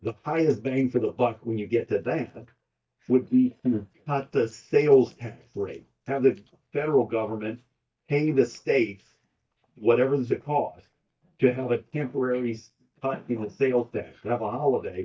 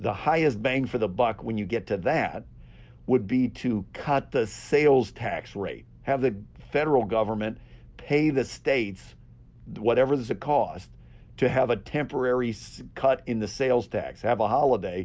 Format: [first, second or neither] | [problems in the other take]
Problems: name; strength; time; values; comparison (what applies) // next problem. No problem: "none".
second | noise reduction (neural mask model DeepFilterNet 3)